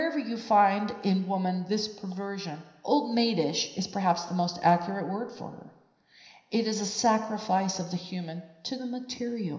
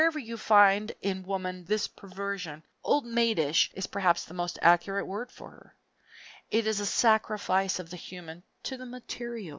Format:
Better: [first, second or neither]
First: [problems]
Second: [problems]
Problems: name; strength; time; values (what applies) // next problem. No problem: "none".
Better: second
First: room echo; dies away in 0.9 s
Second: none